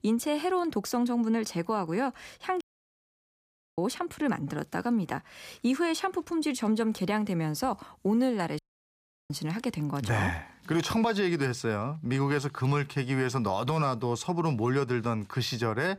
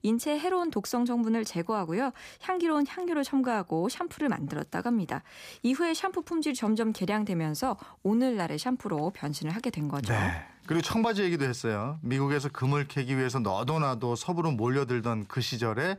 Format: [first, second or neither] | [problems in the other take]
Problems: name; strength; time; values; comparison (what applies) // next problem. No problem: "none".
second | audio cutting out; at 2.5 s for 1 s and at 8.5 s for 0.5 s